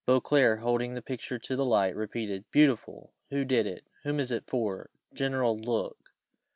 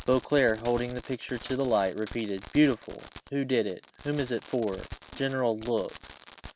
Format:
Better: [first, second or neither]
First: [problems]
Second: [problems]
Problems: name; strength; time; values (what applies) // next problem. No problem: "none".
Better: first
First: none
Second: background sound (Fireworks); 18 dB below the speech